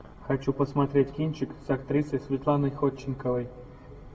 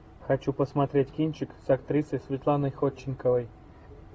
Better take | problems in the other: second | room echo; dies away in 1.9 s

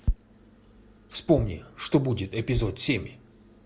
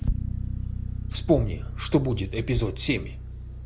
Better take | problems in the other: first | background sound (Bass guitar); 5 dB below the speech

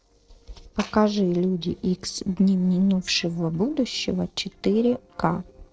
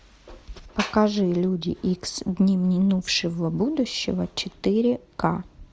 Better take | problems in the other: second | noise reduction (neural separator model SepFormer DNS4)

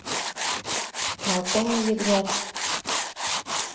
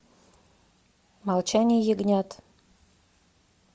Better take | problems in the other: second | background sound (Tools); 1 dB above the speech // room echo; dies away in 0.7 s

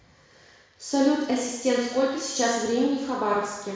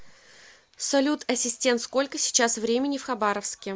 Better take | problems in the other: second | room echo; dies away in 1 s

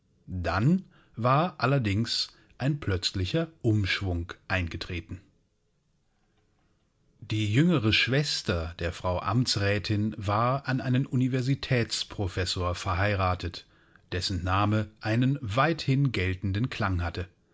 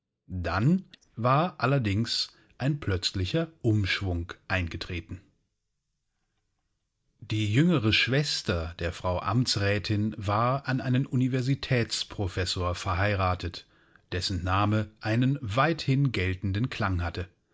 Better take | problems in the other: first | noise reduction (neural mask model DeepFilterNet 3)

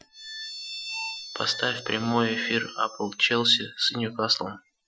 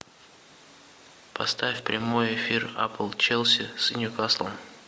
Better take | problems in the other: second | noise reduction (classical method Wiener filter)

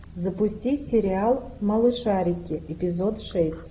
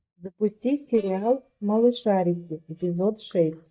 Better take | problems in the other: first | noise reduction (neural mask model DeepFilterNet 3)

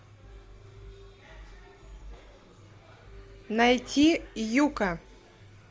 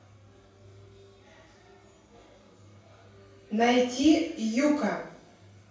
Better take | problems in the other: first | room echo; dies away in 0.6 s

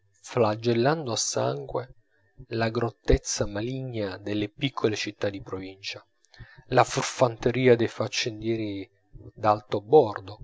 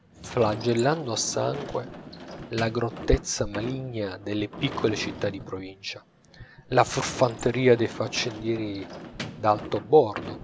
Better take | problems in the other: first | background sound (Sliding door / Slam); 13 dB below the speech

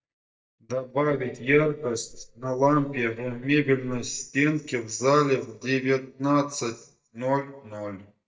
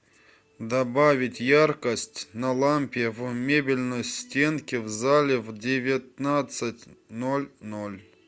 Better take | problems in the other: second | noise reduction (neural mask model DeepFilterNet 3)

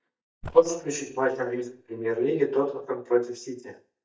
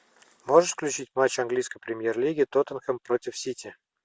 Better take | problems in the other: second | noise reduction (neural mask model DeepFilterNet 3)

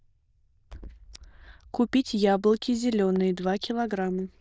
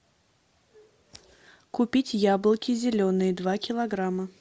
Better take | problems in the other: second | noise reduction (neural diffusion model UNIVERSE++)

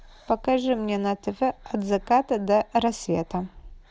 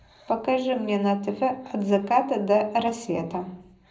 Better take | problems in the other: first | room echo; dies away in 0.5 s

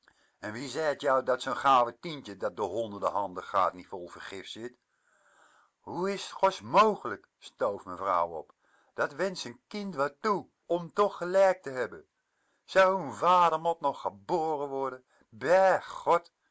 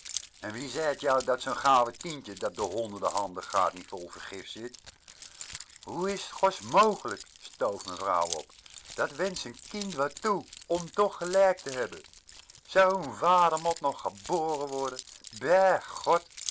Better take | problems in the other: first | background sound (Keys jangling); 16 dB below the speech

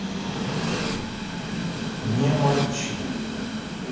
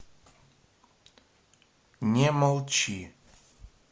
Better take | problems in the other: second | background sound (Train); as loud as the speech // room echo; dies away in 1.2 s

